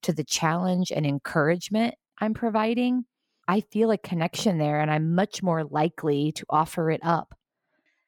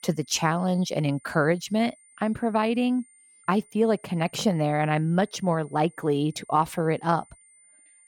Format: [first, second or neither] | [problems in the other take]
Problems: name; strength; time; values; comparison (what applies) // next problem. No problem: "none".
first | high-pitched whine; faint; throughout; 9 kHz, 30 dB below the speech